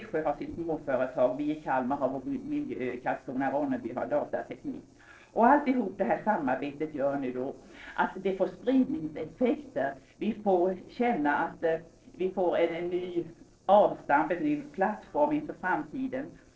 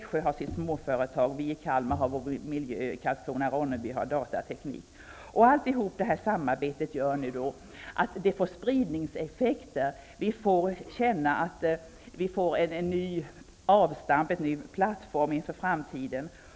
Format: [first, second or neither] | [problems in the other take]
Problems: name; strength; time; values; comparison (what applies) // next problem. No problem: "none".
second | noise reduction (neural separator model SepFormer DNS4)